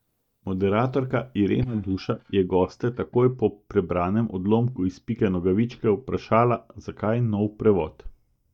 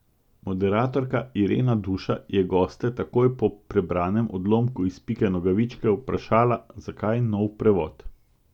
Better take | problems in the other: second | noise reduction (neural mask model DeepFilterNet 3)

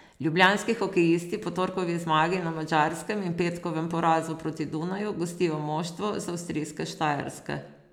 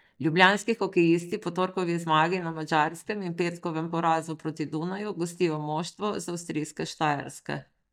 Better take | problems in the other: first | noise reduction (neural mask model DeepFilterNet 3)

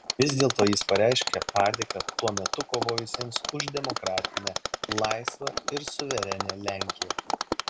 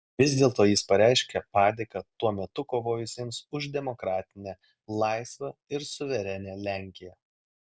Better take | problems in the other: second | background sound (Mechanisms); 3 dB below the speech

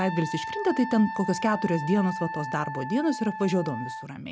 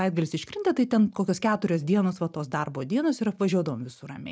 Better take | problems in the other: second | background sound (Wind instrument, woodwind instrument); 8 dB below the speech

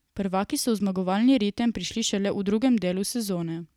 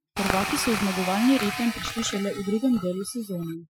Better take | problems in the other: first | noise reduction (classical method Wiener filter)

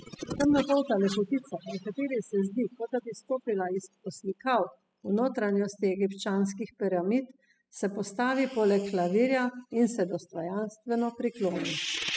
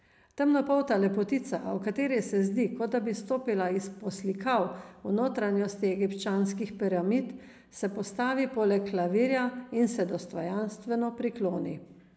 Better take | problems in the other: second | noise reduction (classical method spectral subtraction)

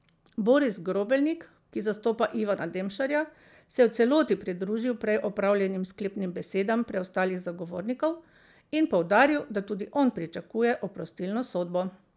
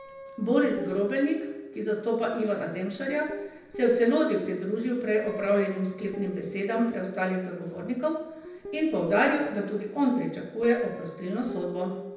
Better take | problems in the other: first | background sound (Guitar); 15 dB below the speech // room echo; dies away in 0.9 s

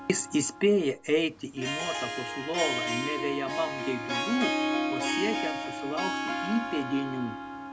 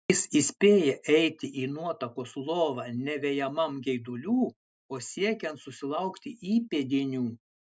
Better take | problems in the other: second | background sound (Harp); 2 dB below the speech

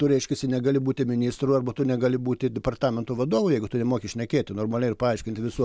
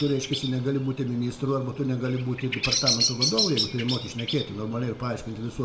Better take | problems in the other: first | background sound (Bird vocalization, bird call, bird song); 3 dB below the speech // room echo; dies away in 0.8 s

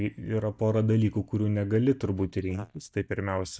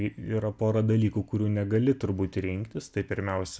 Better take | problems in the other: second | noise reduction (neural mask model DeepFilterNet 3)

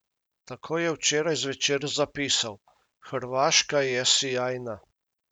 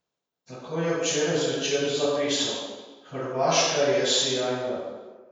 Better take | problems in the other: first | room echo; dies away in 1.2 s

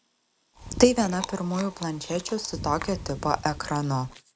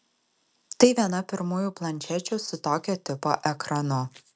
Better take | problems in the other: second | background sound (Chewing, mastication); 12 dB below the speech

